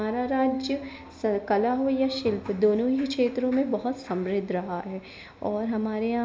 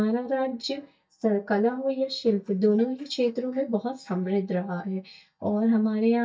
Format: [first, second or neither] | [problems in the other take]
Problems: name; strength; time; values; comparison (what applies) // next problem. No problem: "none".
first | noise reduction (neural mask model DeepFilterNet 3)